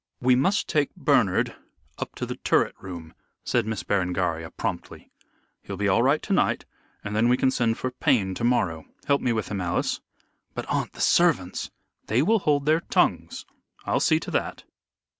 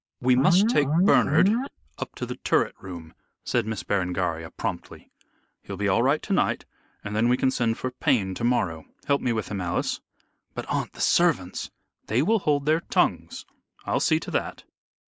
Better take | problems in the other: first | noise reduction (neural mask model Resemble Enhance denoiser)

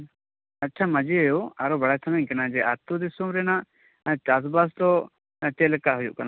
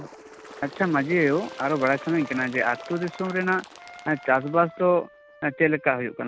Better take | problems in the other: first | background sound (Wind instrument, woodwind instrument + Bird); 17 dB below the speech

